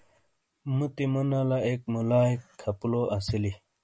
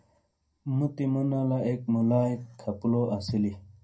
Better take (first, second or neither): first